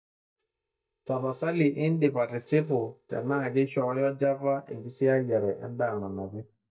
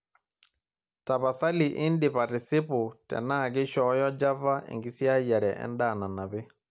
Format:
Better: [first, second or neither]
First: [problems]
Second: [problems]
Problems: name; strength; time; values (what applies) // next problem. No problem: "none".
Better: second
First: noise reduction (neural mask model DeepFilterNet 3)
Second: none